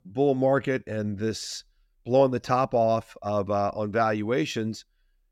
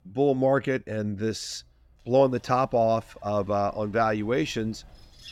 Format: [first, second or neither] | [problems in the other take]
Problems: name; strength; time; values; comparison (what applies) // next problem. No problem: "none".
first | animal sounds; faint; throughout; 30 dB below the speech